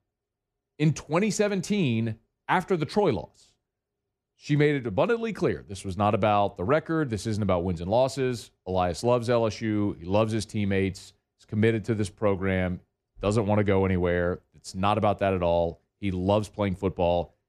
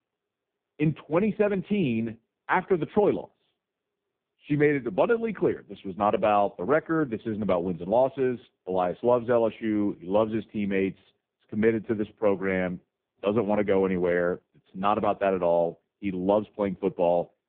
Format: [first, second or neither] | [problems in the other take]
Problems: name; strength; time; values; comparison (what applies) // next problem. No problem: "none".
first | phone-call audio; poor line